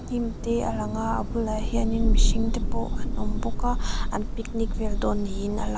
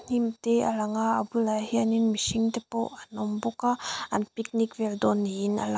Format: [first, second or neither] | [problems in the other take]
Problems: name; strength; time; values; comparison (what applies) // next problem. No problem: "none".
second | background sound (Thunder / Rain); 5 dB above the speech